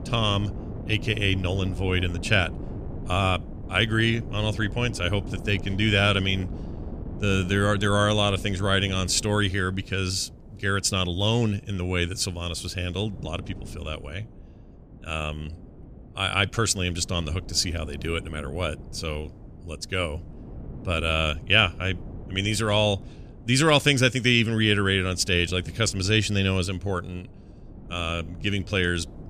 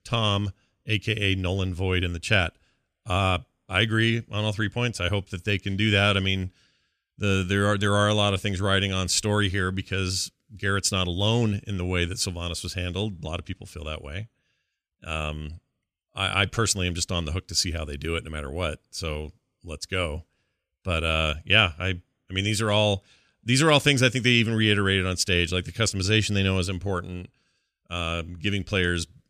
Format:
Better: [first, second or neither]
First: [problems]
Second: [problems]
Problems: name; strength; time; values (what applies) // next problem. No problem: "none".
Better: second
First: wind noise on the microphone; occasional gusts; 20 dB below the speech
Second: none